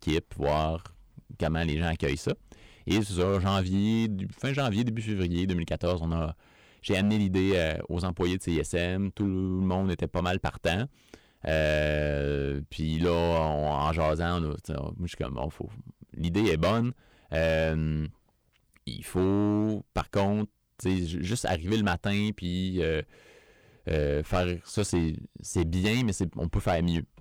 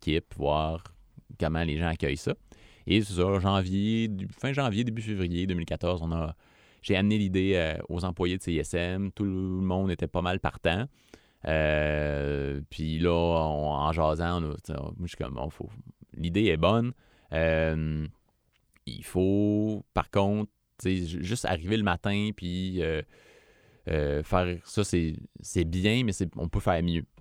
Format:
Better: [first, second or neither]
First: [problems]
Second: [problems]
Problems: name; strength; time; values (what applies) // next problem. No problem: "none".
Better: second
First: distortion; slight; 5% of the sound clipped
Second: none